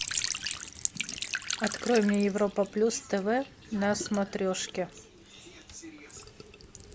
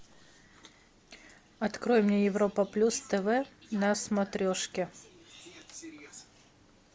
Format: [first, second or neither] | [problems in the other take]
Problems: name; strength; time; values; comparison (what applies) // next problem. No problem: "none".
second | background sound (Trickle, dribble / Sink (filling or washing)); 8 dB below the speech